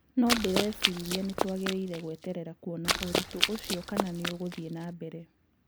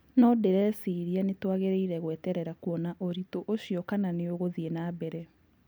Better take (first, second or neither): second